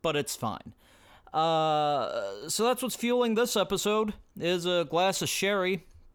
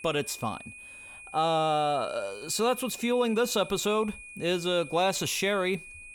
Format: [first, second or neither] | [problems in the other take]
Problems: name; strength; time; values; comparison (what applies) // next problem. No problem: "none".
first | high-pitched whine; noticeable; throughout; 2.5 kHz, 15 dB below the speech